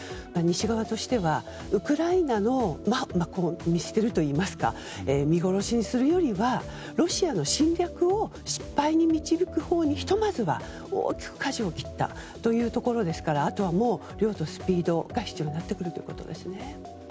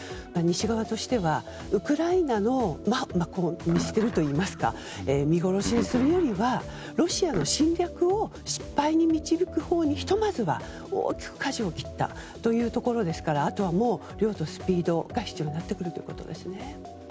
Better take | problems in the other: first | background sound (Guitar); 10 dB below the speech

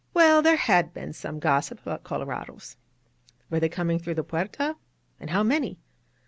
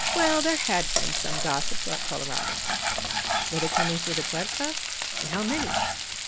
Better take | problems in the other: first | background sound (Frying (food)); 4 dB above the speech

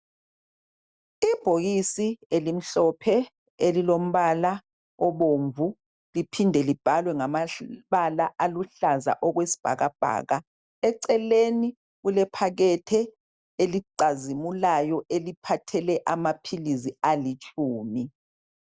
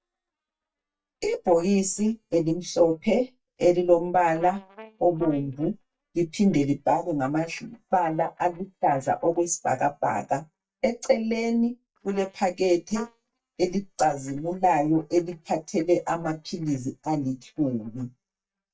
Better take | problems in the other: first | noise reduction (neural mask model DeepFilterNet 3)

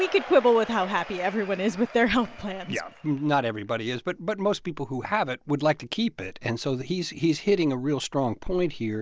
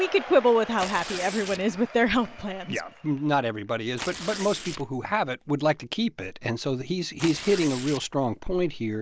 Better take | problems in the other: first | background sound (Tearing); 13 dB below the speech

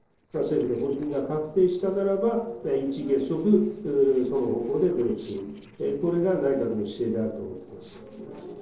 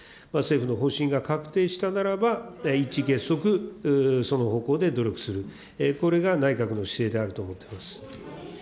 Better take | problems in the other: second | noise reduction (neural separator model SepFormer DNS4)

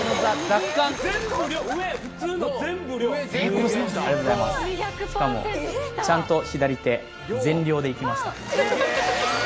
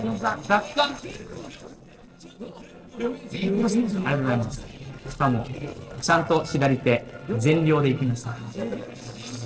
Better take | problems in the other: first | noise reduction (neural separator model SepFormer DNS4)

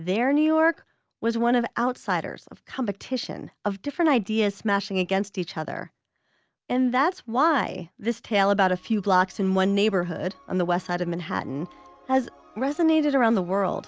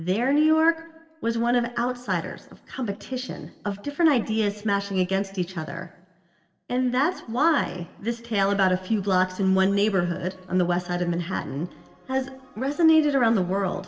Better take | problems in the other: first | room echo; dies away in 1 s

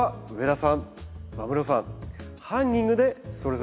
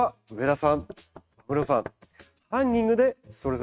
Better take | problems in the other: first | noise reduction (neural mask model RNNoise)

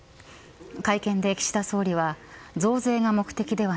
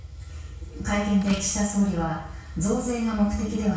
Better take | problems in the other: first | background sound (Slam); 19 dB below the speech // room echo; dies away in 0.6 s

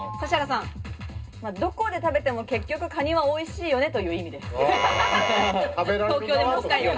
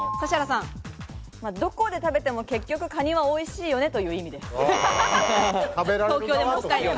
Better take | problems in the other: second | room echo; dies away in 0.2 s

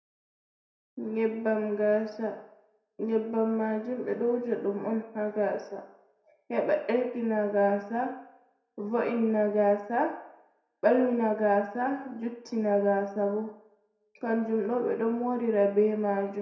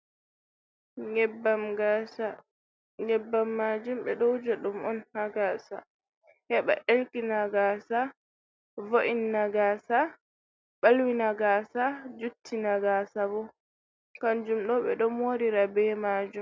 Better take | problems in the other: second | room echo; dies away in 0.6 s

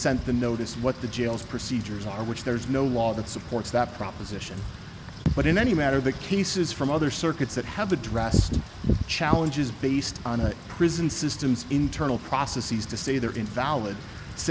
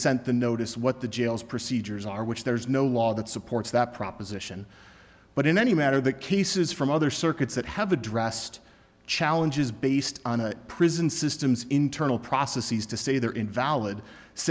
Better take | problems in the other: second | background sound (Wind / Rain); 6 dB below the speech

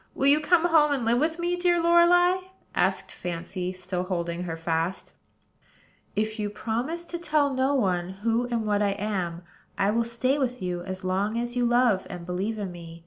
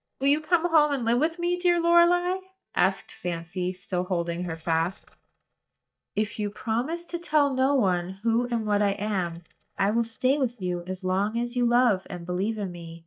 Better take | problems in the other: first | noise reduction (neural mask model DeepFilterNet 3)

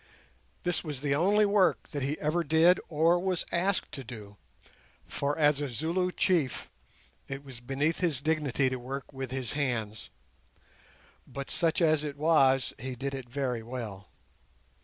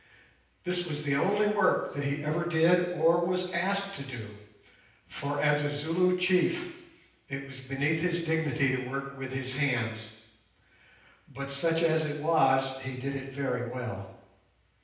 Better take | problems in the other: first | room echo; dies away in 0.9 s

